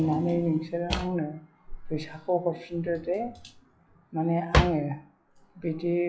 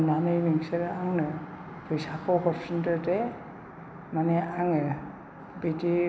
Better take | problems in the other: second | noise reduction (classical method log-MMSE)

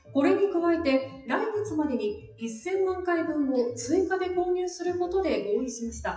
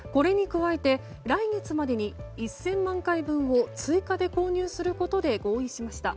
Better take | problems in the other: second | noise reduction (classical method WPE with log-MMSE)

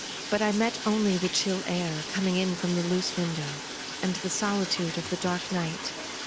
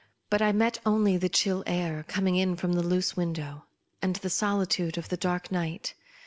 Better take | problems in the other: second | background sound (Bathtub (filling or washing)); 7 dB below the speech

